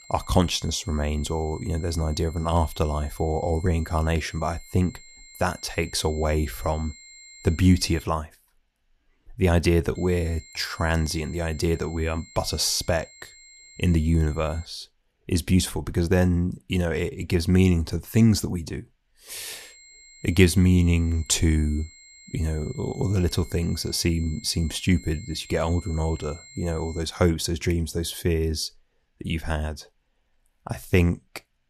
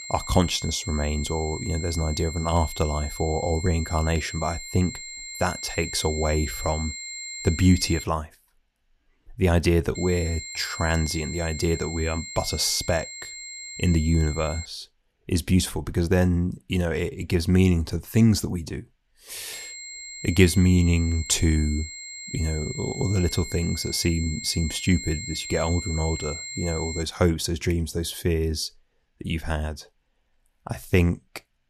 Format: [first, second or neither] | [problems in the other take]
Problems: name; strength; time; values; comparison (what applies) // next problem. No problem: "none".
first | high-pitched whine; loud; until 8 s, from 10 to 15 s and from 20 to 27 s; 2 kHz, 10 dB below the speech; faint in the first